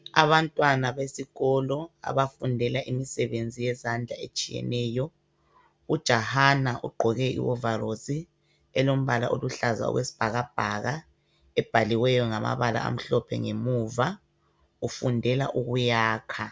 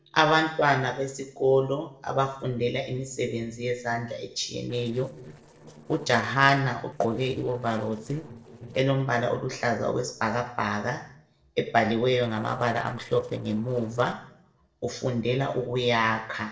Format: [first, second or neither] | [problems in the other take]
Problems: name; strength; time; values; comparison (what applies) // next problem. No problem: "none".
first | noise reduction (neural separator model SepFormer DNS4)